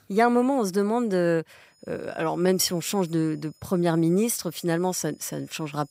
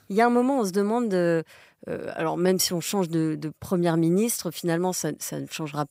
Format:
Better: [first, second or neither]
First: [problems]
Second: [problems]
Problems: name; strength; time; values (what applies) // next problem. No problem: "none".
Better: second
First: high-pitched whine; faint; from 1.5 s on; 5 kHz, 35 dB below the speech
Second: none